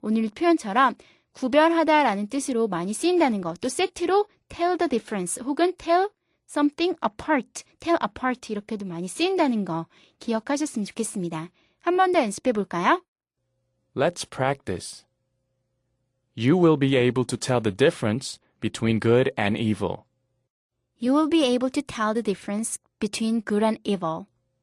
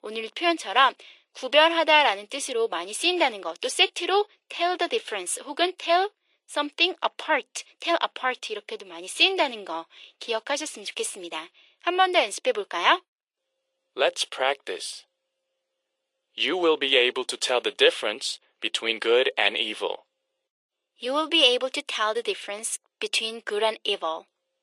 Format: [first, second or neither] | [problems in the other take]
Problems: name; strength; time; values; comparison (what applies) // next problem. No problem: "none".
first | thin; very; fading below 450 Hz